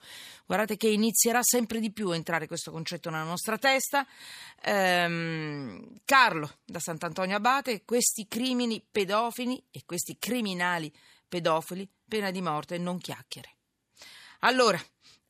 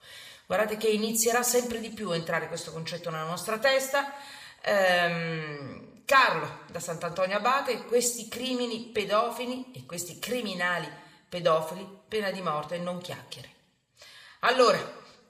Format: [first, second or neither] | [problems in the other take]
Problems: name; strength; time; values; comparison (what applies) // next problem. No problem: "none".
first | room echo; very slight; dies away in 0.7 s